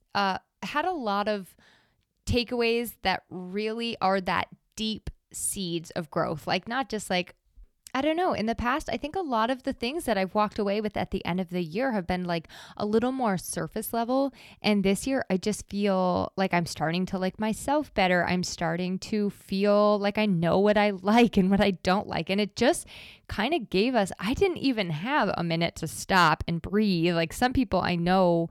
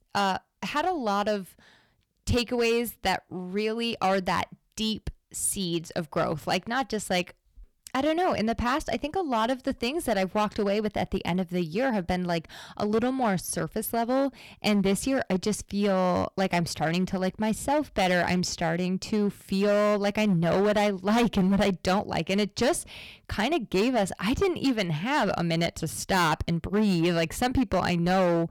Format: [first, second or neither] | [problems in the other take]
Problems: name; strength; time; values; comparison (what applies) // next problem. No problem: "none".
first | distortion; slight; 8% of the sound clipped